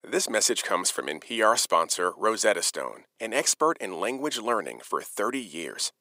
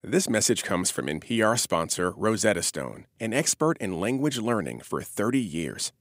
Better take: second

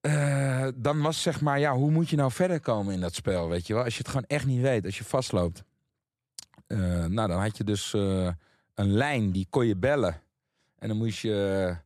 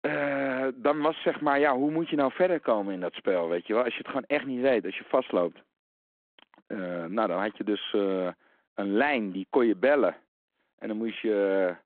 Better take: first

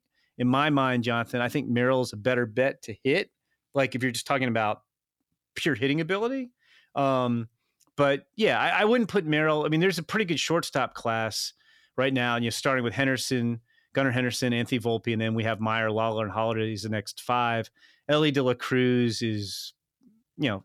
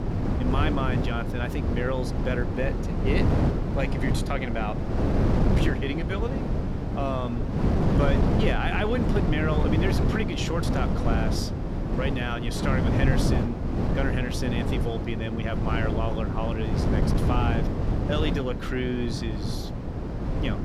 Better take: first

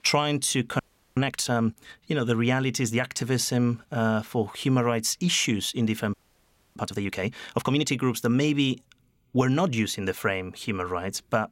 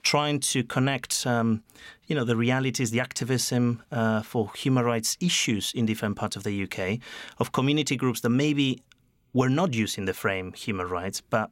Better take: second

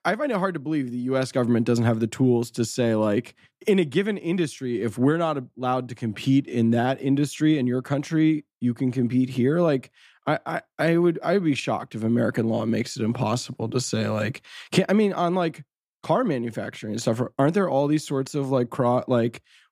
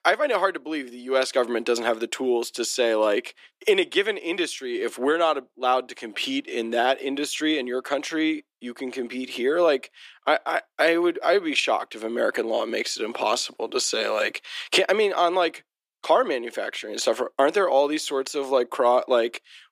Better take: first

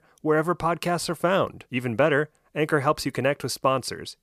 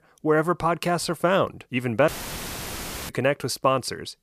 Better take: first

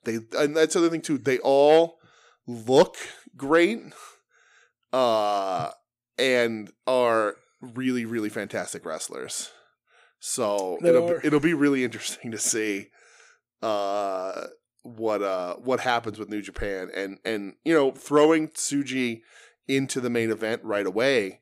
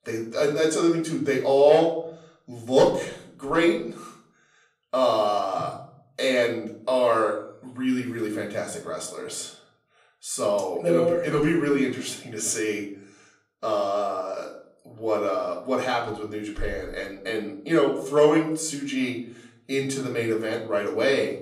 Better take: first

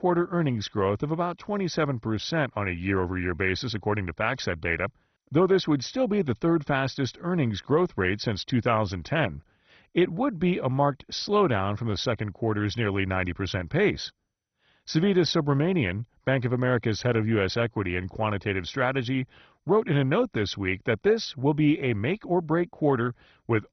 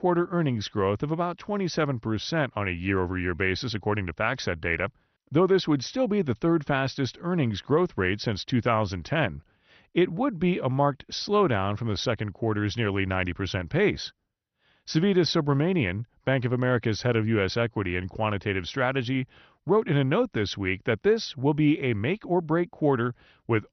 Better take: second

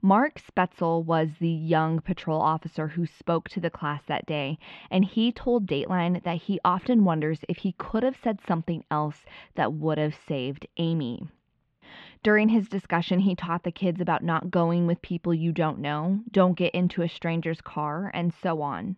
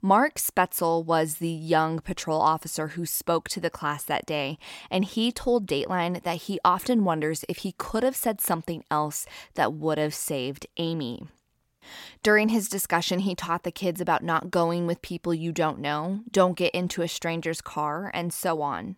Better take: second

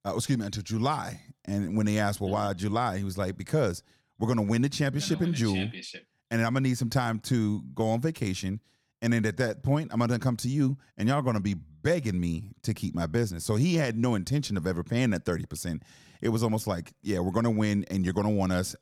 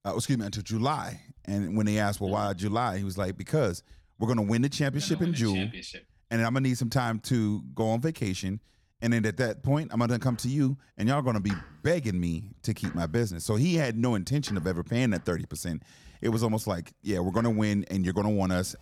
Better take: first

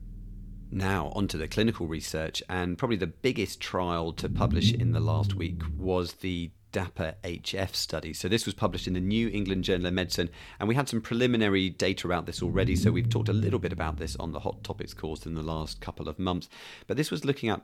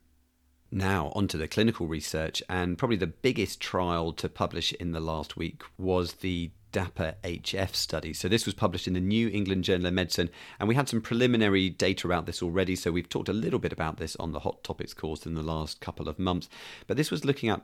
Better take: second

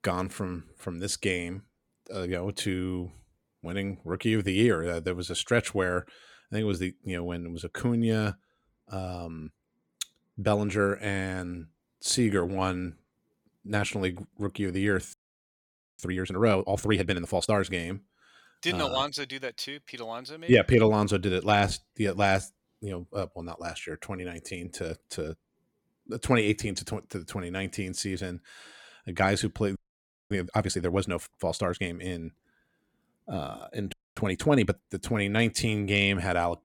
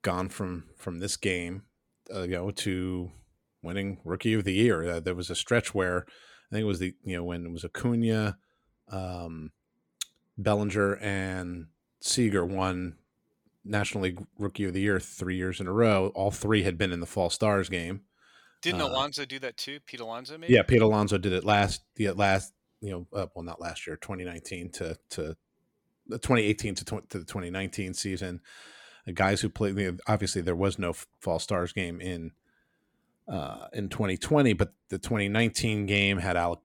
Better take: second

